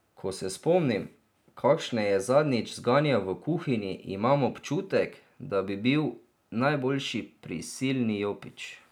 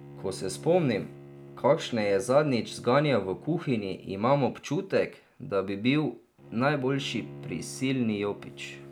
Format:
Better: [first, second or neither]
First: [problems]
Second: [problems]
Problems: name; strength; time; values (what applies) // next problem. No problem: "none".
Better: first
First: none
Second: background sound (Bowed string instrument); 18 dB below the speech